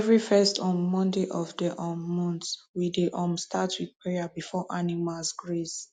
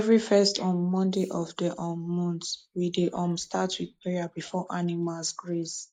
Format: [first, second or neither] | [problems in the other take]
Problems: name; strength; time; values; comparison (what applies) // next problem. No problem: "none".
first | noise reduction (neural mask model Resemble Enhance denoiser)